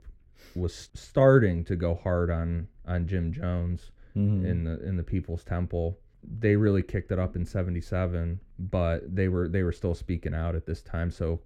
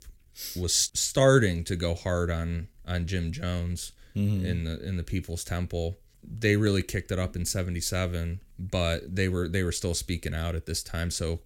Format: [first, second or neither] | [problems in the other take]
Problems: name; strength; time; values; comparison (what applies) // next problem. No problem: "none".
second | muffled; very; fading above 3 kHz